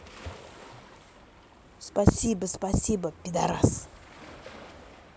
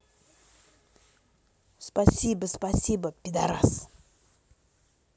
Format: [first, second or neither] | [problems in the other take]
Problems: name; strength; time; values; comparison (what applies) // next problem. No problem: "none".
second | background sound (Waves, surf); 18 dB below the speech